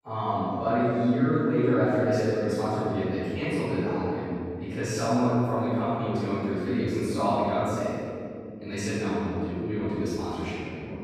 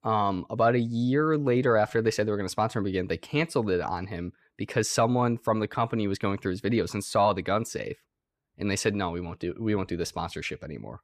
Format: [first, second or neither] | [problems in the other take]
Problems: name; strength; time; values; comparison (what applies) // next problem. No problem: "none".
second | off-mic speech; far // room echo; strong; dies away in 2.7 s